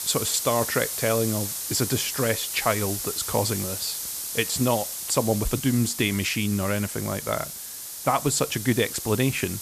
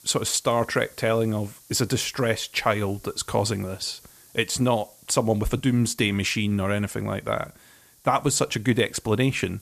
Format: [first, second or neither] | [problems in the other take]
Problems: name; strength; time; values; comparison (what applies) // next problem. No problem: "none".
second | hiss; loud; throughout; 4 dB below the speech; faint in the second